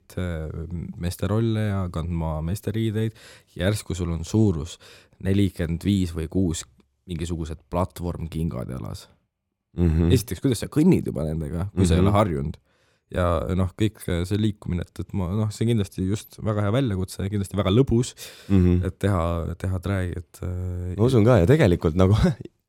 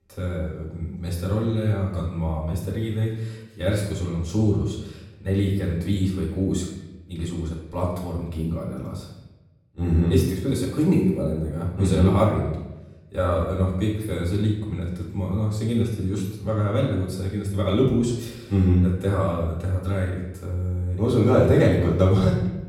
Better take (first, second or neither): first